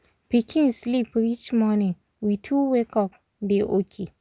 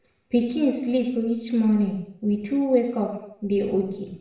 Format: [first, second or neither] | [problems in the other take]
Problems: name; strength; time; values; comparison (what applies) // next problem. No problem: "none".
first | room echo; dies away in 0.7 s